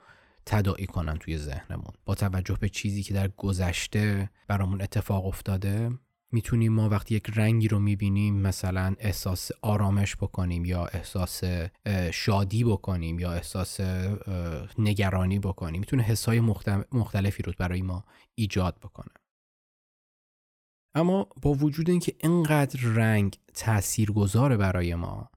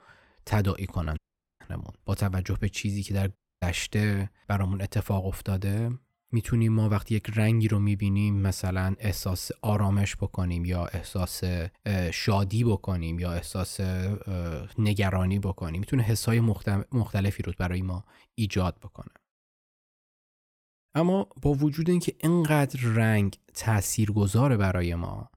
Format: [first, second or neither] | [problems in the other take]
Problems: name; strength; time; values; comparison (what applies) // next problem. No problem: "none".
first | audio cutting out; at 1 s and at 3.5 s